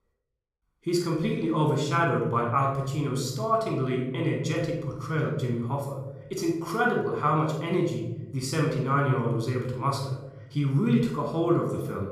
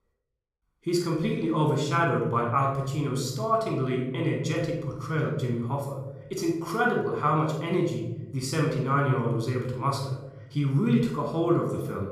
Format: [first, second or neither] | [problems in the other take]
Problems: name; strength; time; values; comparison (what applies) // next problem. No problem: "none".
neither | room echo; noticeable; dies away in 1.1 s; the same in both // off-mic speech; somewhat distant; the same in both